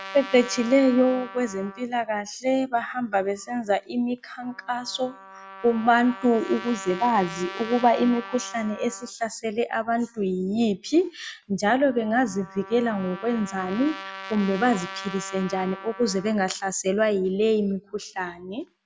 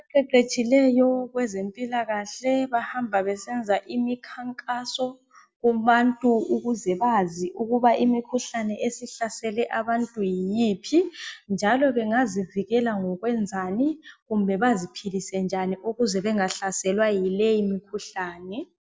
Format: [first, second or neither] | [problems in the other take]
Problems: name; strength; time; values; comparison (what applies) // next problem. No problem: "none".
second | background sound (Trumpet); 16 dB below the speech